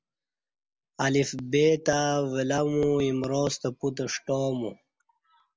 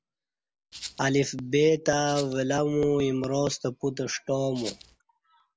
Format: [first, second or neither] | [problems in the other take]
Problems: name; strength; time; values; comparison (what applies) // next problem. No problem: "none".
first | background sound (Rattle (instrument)); 15 dB below the speech